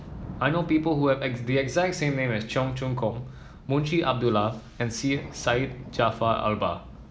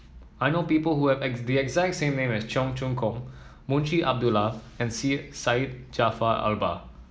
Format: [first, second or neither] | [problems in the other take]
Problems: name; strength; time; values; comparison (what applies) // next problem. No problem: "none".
second | background sound (Thunder / Rain); 18 dB below the speech